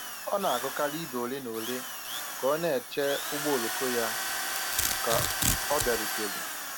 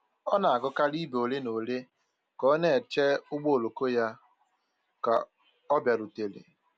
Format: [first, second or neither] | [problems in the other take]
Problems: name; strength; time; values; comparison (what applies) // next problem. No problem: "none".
second | background sound (Drill + Domestic sounds, home sounds); as loud as the speech